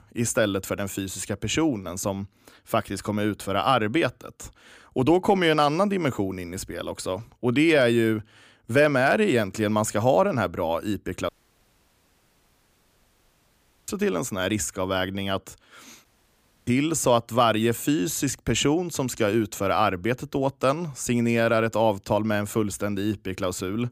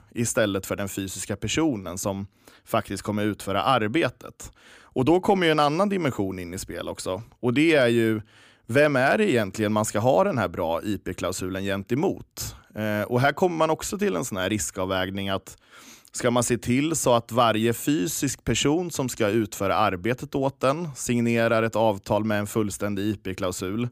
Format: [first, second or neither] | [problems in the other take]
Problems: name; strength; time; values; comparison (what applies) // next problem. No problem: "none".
second | audio cutting out; at 11 s for 2.5 s and at 16 s for 0.5 s